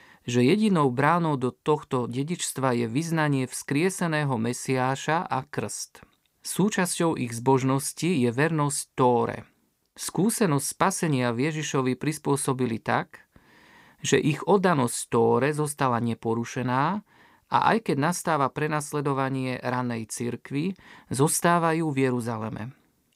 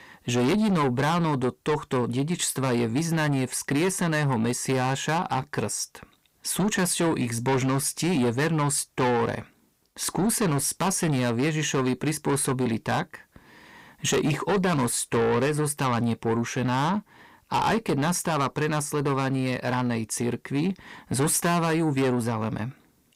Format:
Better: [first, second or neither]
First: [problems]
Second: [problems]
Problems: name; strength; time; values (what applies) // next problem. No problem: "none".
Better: first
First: none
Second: distortion; heavy; 7 dB below the speech